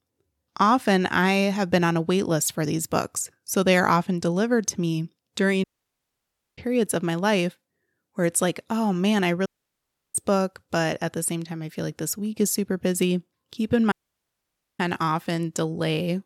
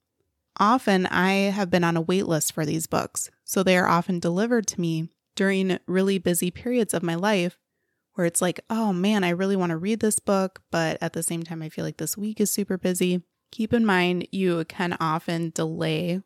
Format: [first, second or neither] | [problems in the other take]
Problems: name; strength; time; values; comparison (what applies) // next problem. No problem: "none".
second | audio cutting out; at 5.5 s for 1 s, at 9.5 s for 0.5 s and at 14 s for 1 s